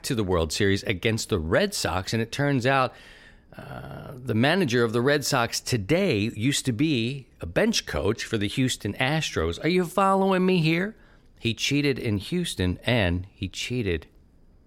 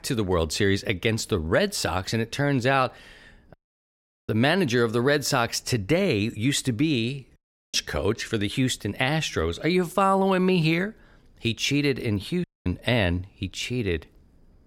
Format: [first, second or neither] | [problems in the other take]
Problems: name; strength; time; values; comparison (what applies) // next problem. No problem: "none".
first | audio cutting out; at 3.5 s for 1 s, at 7.5 s and at 12 s